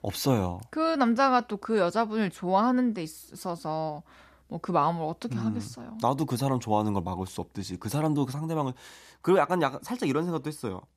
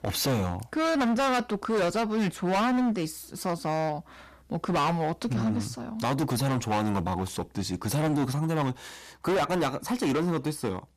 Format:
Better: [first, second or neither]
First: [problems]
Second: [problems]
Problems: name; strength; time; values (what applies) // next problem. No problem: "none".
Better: first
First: none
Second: distortion; heavy; 20% of the sound clipped